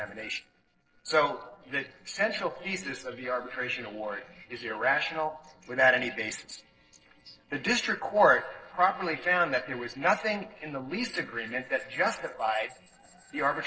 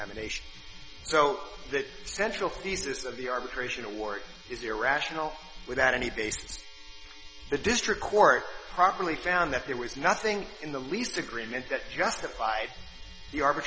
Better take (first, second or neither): second